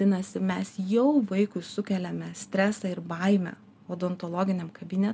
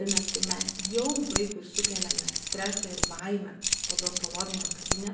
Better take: first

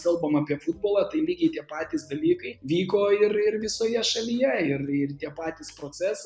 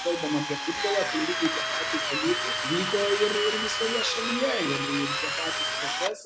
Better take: first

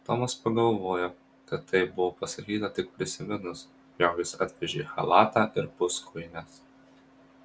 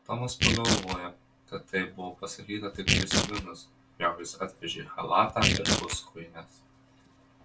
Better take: first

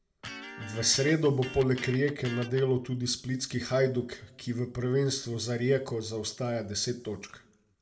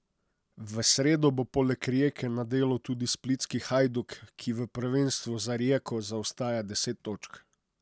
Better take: second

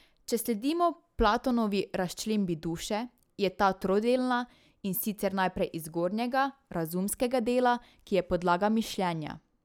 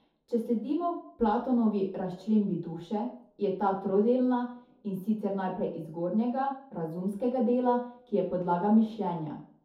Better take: first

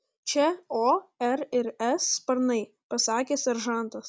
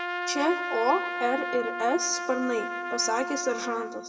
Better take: first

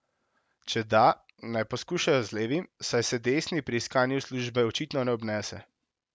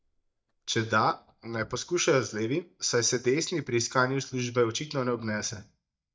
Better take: first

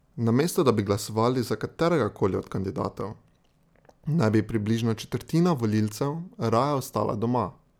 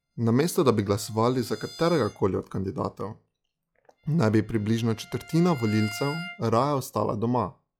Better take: first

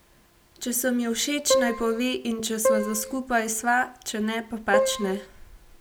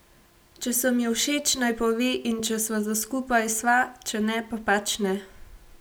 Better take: second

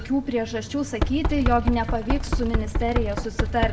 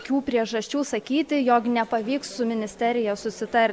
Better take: second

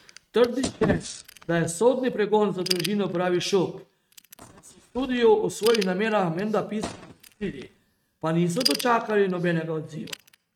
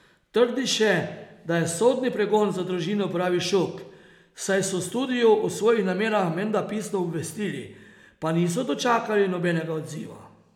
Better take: second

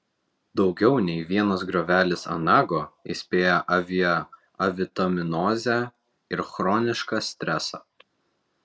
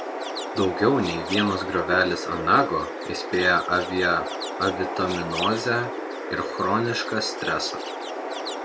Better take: first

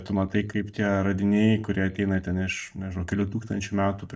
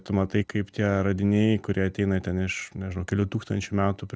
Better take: second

